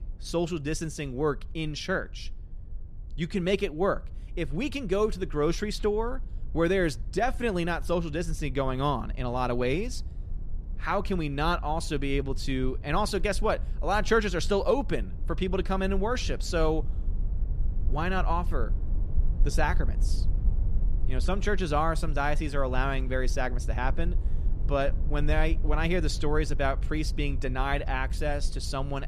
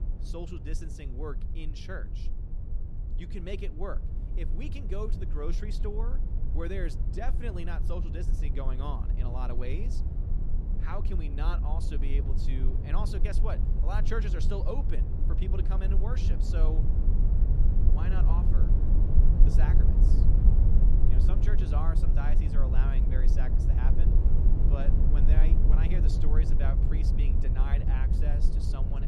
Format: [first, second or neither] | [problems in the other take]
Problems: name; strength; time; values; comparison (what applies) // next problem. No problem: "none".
first | low rumble; loud; throughout; 3 dB below the speech; faint in the first